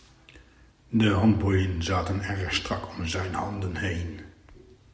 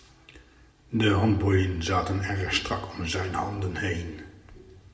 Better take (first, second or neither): first